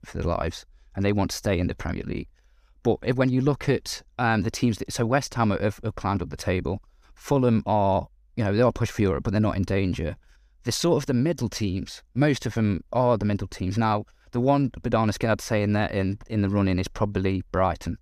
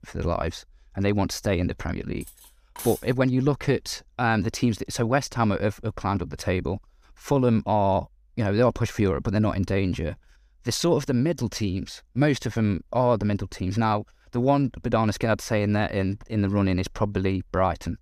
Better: first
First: none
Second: clattering dishes; faint; at 2 s; peak 10 dB below the speech

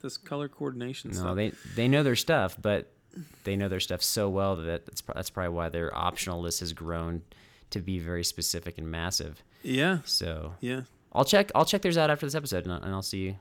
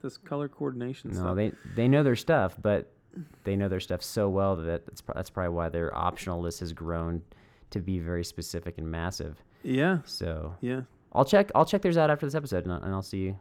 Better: first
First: none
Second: muffled; slightly; fading above 2 kHz

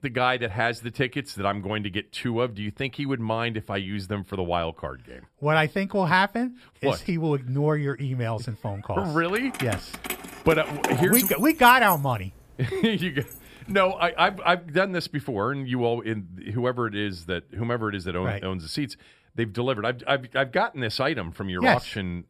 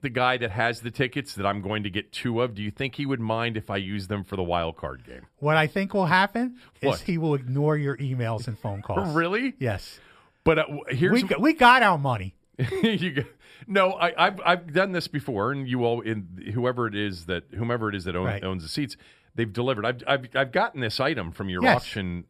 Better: second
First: jangling keys; loud; from 9.5 to 14 s; peak 3 dB above the speech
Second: none

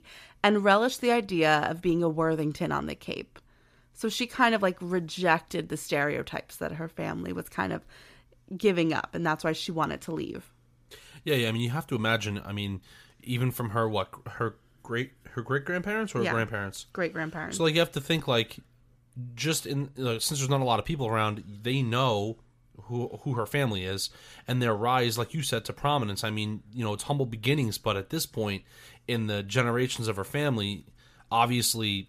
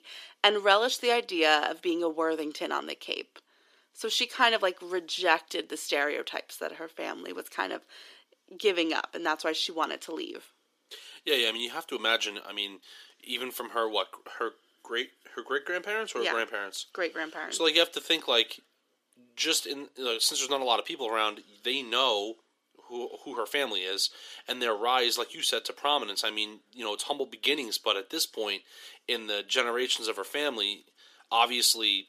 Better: first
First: none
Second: thin; somewhat; fading below 300 Hz

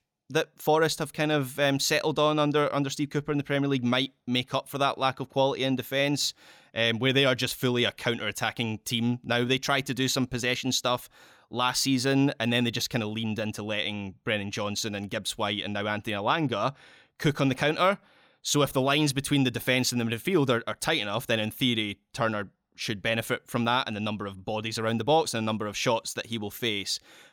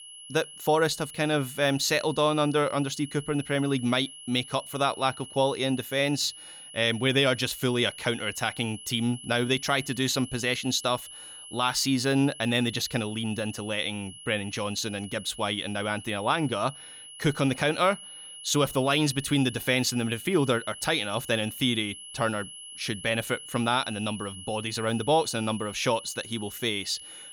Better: first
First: none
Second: high-pitched whine; noticeable; throughout; 3 kHz, 15 dB below the speech

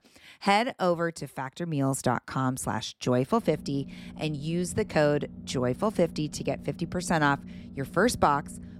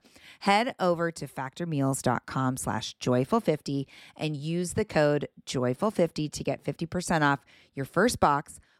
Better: second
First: low rumble; faint; from 3.5 s on; 25 dB below the speech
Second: none

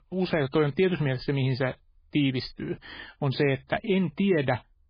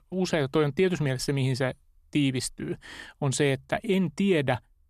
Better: second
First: garbled, watery; badly; nothing above 5 kHz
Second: none

